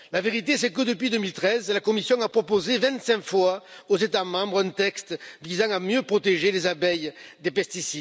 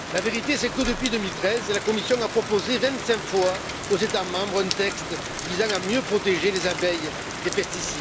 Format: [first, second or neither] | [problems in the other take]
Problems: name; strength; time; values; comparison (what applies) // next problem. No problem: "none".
first | background sound (Rain); 6 dB below the speech